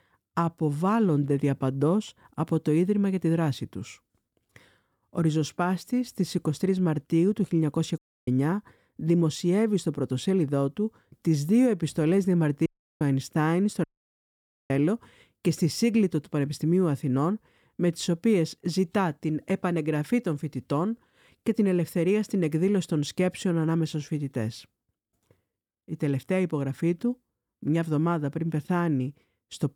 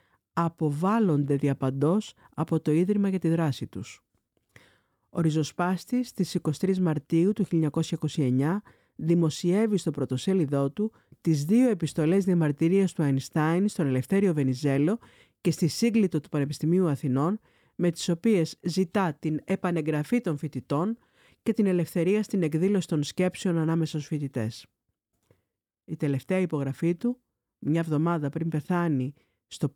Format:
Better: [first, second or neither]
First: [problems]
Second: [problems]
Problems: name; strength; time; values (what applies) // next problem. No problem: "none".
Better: second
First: audio cutting out; at 8 s, at 13 s and at 14 s for 1 s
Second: none